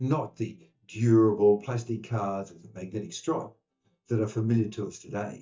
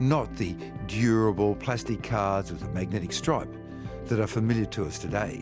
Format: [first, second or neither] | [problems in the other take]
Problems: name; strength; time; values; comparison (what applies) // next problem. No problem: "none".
second | noise reduction (neural mask model DeepFilterNet 3)